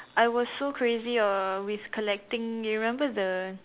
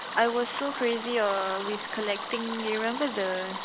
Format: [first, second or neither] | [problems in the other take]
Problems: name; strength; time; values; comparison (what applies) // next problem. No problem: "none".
first | background sound (Stream); 7 dB below the speech